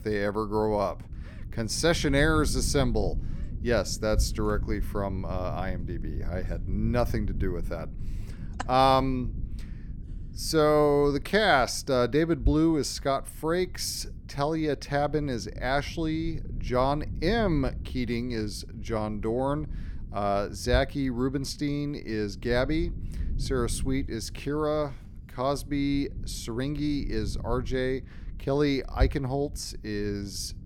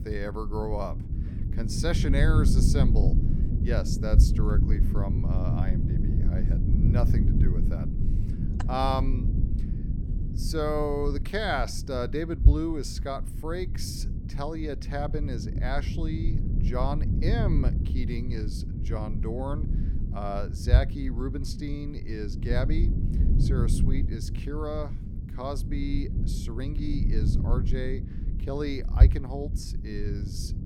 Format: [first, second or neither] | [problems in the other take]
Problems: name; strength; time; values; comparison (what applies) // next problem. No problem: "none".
first | low rumble; loud; throughout; 7 dB below the speech; faint in the first